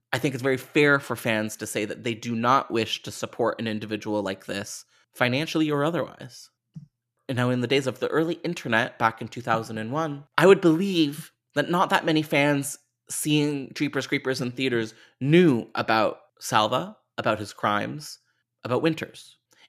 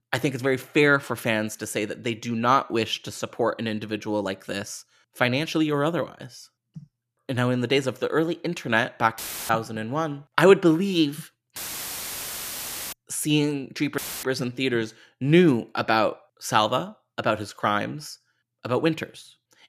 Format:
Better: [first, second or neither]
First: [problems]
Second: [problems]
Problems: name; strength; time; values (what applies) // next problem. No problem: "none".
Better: first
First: none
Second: audio cutting out; filled with static; at 9 s, at 12 s for 1.5 s and at 14 s